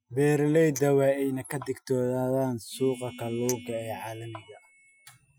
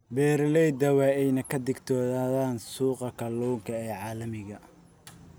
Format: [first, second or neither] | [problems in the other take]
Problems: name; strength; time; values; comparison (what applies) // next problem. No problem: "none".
second | noise reduction (classical method Wiener filter)